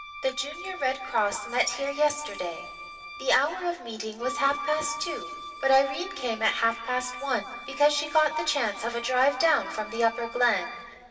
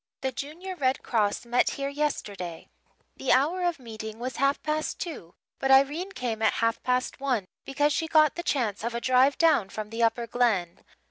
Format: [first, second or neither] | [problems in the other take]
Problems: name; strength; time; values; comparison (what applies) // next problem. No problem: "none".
second | background sound (Wind instrument, woodwind instrument); 12 dB below the speech // room echo; dies away in 1.8 s